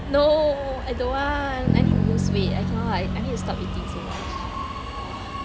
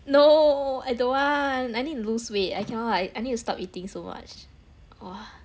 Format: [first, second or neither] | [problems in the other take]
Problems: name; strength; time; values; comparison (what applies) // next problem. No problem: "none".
second | background sound (Subway, metro, underground + Bass guitar); 1 dB above the speech